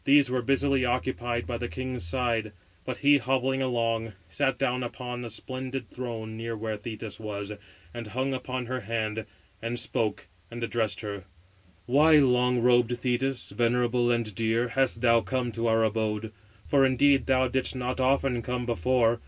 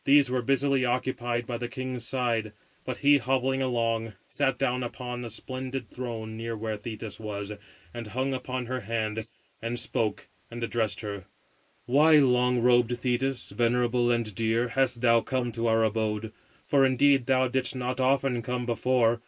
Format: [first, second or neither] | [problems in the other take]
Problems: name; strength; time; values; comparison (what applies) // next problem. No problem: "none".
first | noise reduction (neural mask model Resemble Enhance denoiser)